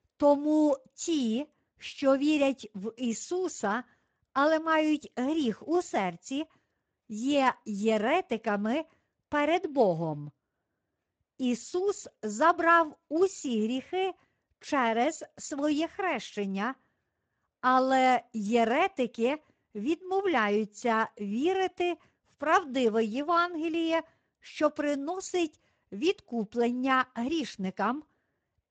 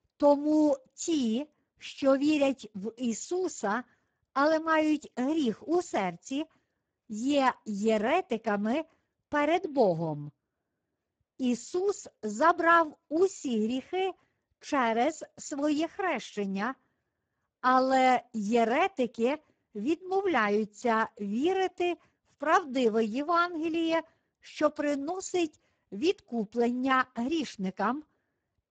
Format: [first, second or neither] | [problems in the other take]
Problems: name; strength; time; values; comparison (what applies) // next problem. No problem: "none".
first | garbled, watery; badly; nothing above 7.5 kHz; slightly in the first